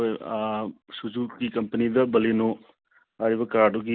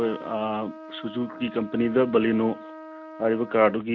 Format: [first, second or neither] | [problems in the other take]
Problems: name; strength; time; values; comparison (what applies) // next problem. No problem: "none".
first | background sound (Trumpet); 16 dB below the speech